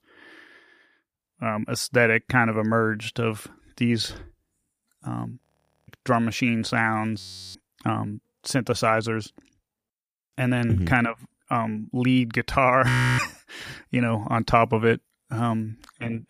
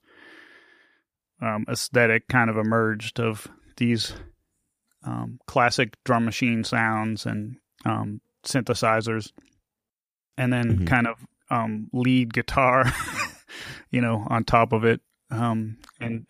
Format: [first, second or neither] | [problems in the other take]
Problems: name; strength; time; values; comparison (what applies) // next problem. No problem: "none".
second | audio freezing; at 5.5 s, at 7 s and at 13 s